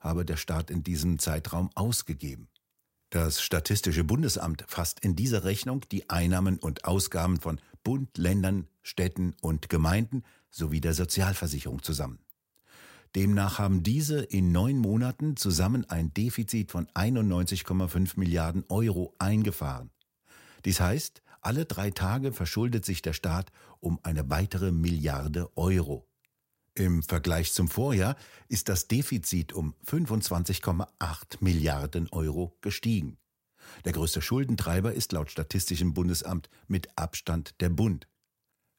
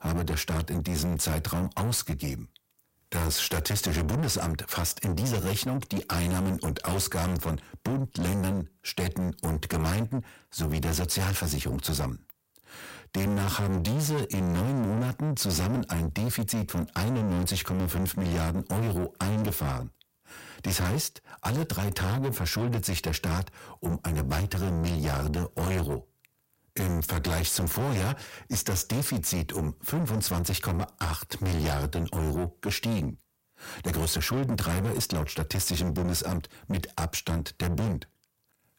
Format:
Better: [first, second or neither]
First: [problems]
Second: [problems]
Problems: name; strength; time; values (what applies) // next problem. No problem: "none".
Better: first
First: none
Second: distortion; heavy; 6 dB below the speech